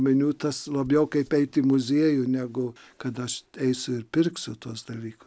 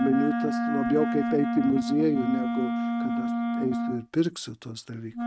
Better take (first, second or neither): first